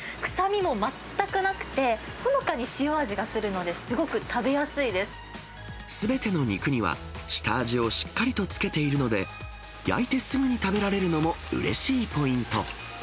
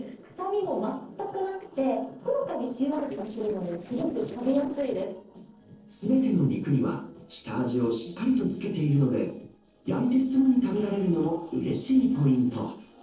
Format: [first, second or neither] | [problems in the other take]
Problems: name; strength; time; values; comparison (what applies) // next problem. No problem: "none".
first | noise reduction (neural separator model SepFormer DNS4)